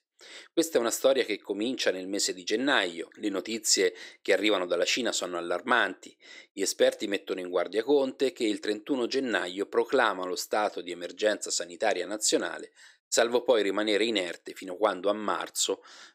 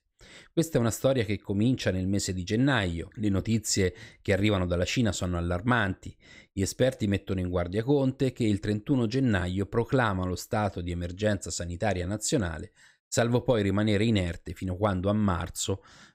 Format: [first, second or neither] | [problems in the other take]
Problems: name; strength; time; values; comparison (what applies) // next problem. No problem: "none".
second | thin; somewhat; fading below 350 Hz